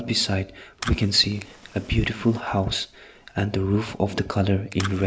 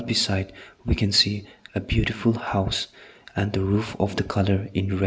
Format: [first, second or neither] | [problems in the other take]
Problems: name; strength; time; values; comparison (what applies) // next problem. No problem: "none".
second | background sound (Fire + Finger snapping); 18 dB below the speech